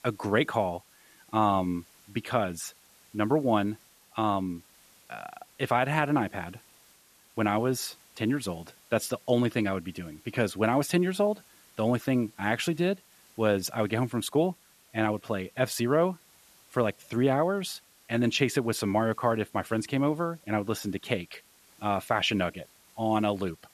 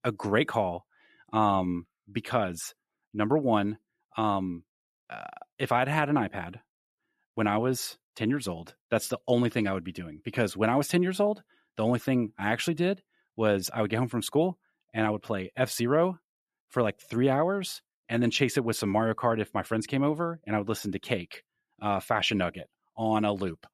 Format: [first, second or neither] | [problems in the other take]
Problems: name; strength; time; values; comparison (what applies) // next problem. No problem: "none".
second | hiss; faint; throughout; 30 dB below the speech